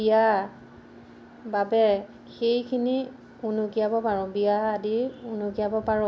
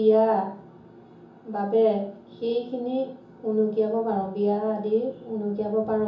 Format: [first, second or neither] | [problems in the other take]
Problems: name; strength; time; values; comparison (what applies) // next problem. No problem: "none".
first | room echo; dies away in 0.7 s